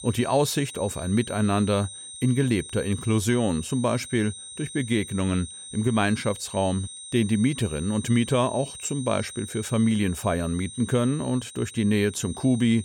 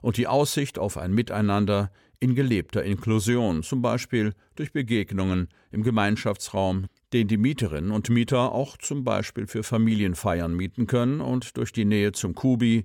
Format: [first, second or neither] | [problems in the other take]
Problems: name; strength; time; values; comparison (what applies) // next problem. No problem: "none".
second | high-pitched whine; noticeable; throughout; 8.5 kHz, 10 dB below the speech